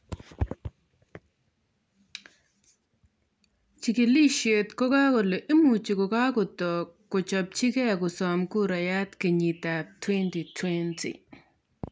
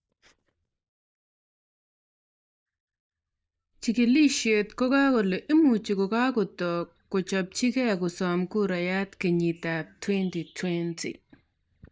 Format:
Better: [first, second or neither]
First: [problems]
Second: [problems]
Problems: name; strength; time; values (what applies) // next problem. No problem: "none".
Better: first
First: none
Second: noise reduction (neural mask model DeepFilterNet 3)